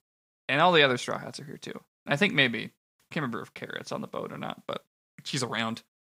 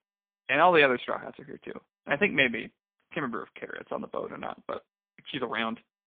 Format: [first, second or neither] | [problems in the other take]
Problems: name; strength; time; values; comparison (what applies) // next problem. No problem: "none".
first | phone-call audio; poor line; nothing above 3.5 kHz